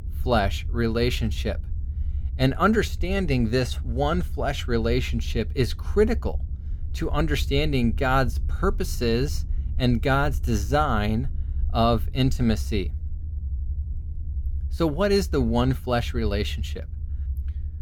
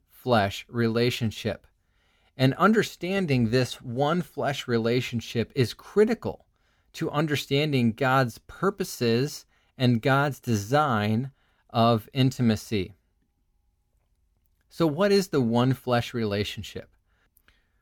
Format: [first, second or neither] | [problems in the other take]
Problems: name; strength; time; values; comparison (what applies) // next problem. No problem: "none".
second | low rumble; faint; throughout; 25 dB below the speech